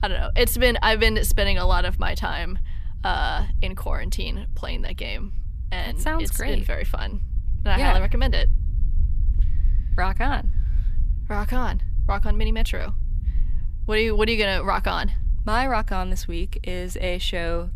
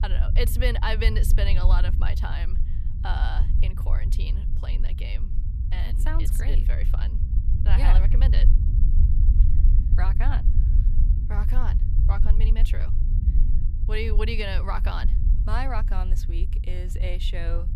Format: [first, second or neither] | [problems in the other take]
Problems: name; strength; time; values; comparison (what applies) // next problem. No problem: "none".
first | low rumble; loud; throughout; 9 dB below the speech; faint in the first